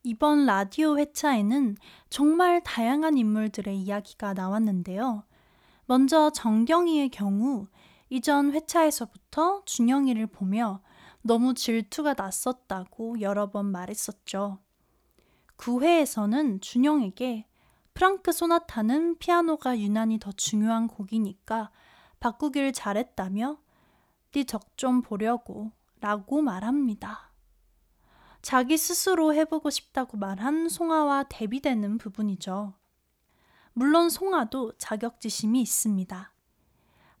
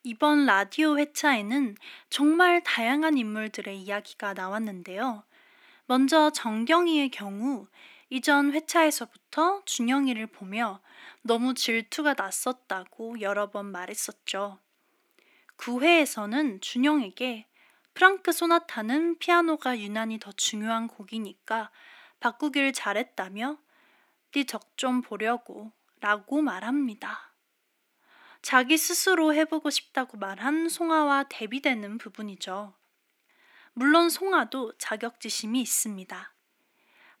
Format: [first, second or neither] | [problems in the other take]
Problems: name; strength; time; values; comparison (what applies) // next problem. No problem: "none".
first | thin; very slightly; fading below 300 Hz